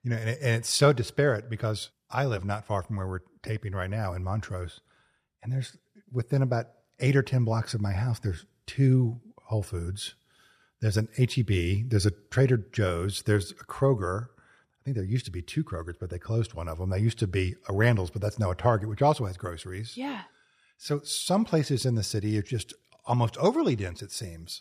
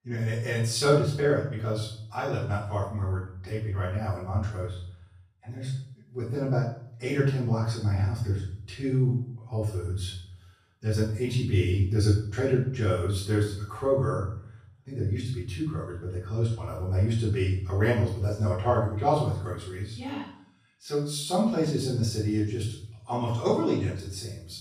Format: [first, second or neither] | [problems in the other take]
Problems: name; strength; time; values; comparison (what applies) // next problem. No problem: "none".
first | off-mic speech; far // room echo; noticeable; dies away in 0.5 s